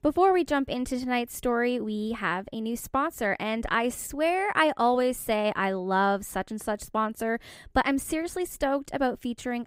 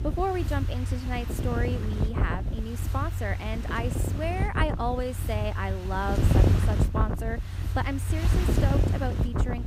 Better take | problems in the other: first | wind noise on the microphone; heavy; 4 dB below the speech

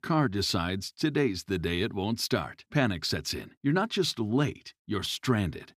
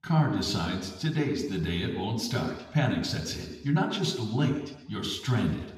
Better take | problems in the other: first | room echo; noticeable; dies away in 0.9 s // off-mic speech; somewhat distant

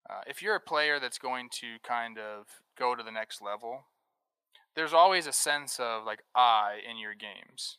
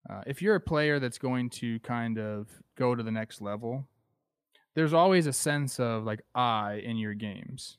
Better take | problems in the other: second | thin; very; fading below 750 Hz

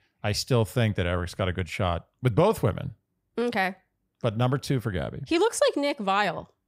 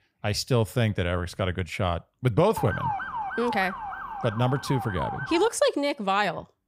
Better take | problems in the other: first | siren; noticeable; from 2.5 to 5.5 s; peak 4 dB below the speech

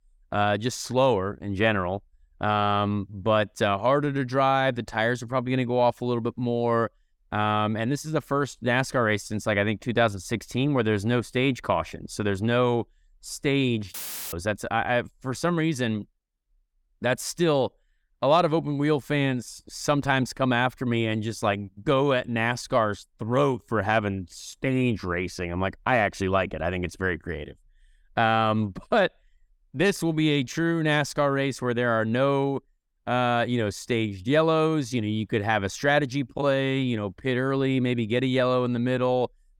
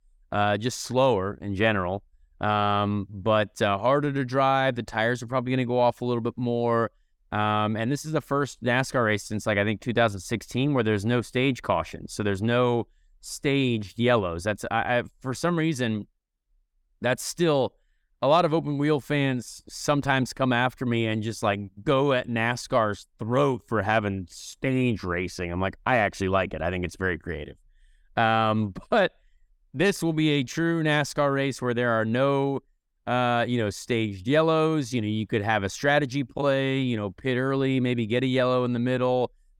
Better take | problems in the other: second | audio cutting out; filled with static; at 14 s

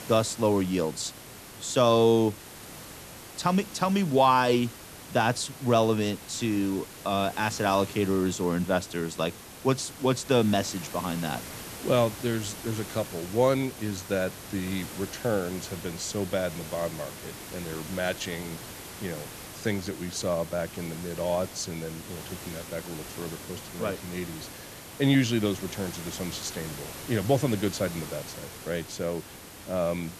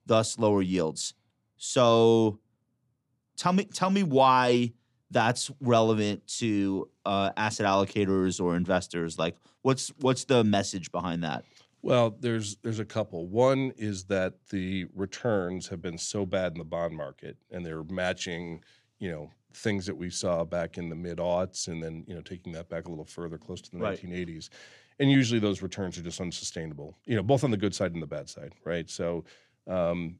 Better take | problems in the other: second | hiss; noticeable; throughout; 15 dB below the speech

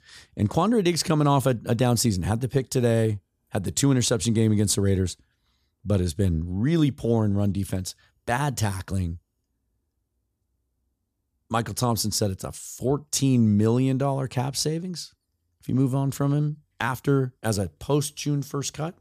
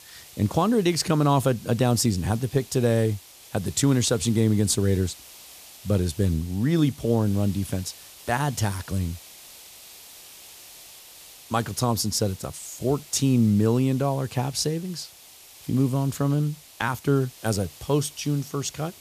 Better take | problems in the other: first | hiss; noticeable; throughout; 20 dB below the speech

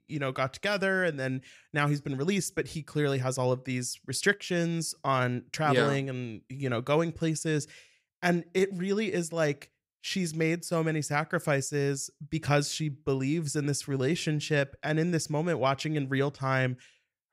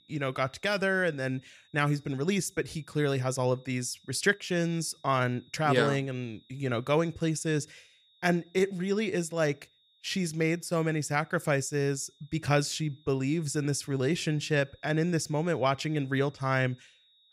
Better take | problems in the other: first | high-pitched whine; faint; throughout; 4 kHz, 30 dB below the speech

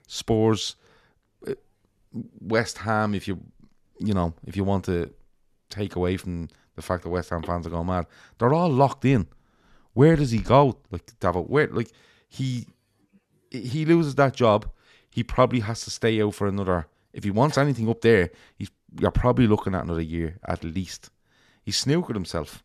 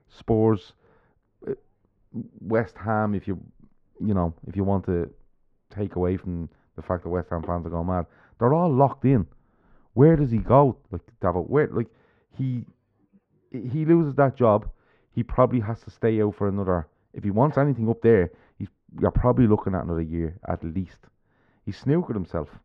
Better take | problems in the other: first | muffled; very; fading above 3.5 kHz

